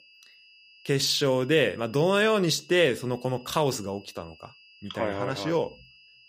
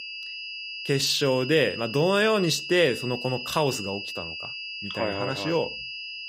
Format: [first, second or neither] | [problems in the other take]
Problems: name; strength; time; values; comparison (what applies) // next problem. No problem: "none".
first | high-pitched whine; loud; throughout; 2.5 kHz, 8 dB below the speech; faint in the first